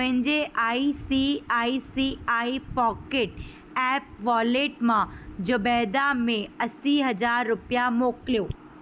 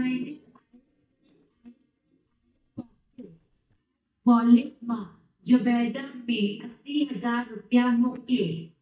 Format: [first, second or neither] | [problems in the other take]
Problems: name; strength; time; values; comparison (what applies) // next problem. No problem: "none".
first | noise reduction (neural mask model DeepFilterNet 3)